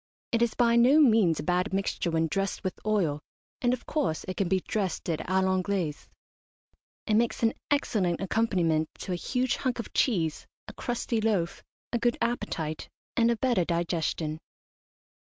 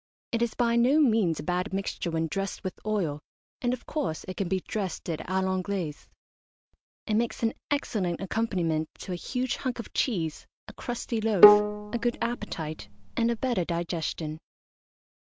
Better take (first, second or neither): first